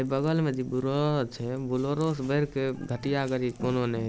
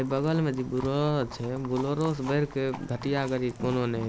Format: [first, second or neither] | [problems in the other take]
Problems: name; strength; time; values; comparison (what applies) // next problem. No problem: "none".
first | background sound (Livestock, farm animals, working animals); 17 dB below the speech